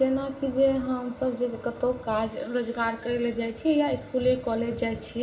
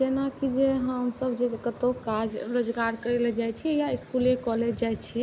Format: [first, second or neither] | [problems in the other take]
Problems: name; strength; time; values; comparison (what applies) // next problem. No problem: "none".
second | room echo; dies away in 0.6 s